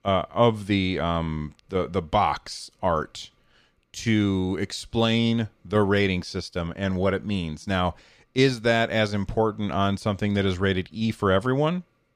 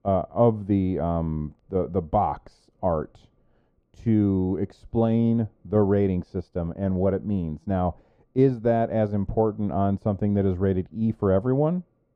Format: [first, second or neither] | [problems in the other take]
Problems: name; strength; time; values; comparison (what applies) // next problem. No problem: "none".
first | muffled; very; fading above 1.5 kHz